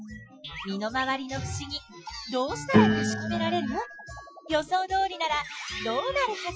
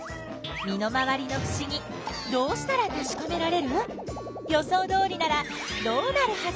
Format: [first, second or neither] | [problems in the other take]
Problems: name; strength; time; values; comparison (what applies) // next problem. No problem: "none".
second | noise reduction (classical method Wiener filter)